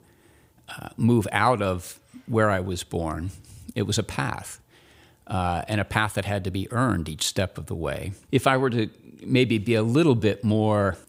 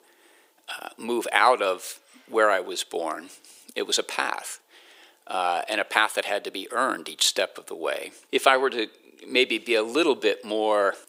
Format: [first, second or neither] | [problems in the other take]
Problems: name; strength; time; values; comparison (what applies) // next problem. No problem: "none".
first | thin; very; fading below 350 Hz